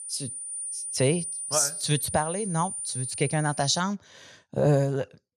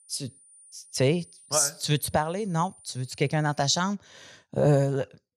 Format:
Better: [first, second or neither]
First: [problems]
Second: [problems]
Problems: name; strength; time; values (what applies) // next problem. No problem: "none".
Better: second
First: high-pitched whine; loud; until 4 s; 9.5 kHz, 5 dB below the speech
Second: high-pitched whine; faint; until 4 s; 9.5 kHz, 25 dB below the speech